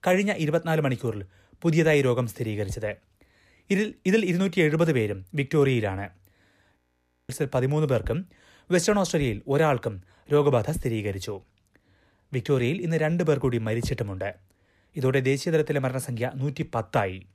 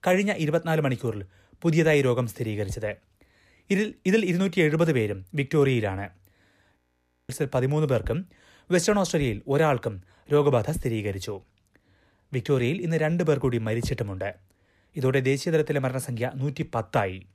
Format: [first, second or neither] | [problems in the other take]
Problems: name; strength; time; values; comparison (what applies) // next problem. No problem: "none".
neither | audio freezing; at 7 s for 0.5 s; the same in both